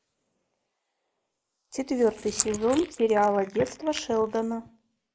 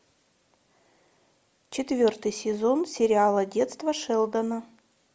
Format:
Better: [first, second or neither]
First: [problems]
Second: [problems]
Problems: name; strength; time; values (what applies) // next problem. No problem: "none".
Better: second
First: noise reduction (neural mask model Resemble Enhance denoiser)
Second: none